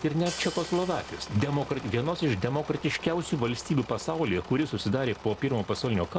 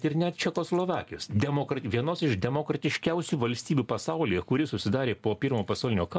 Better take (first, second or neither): second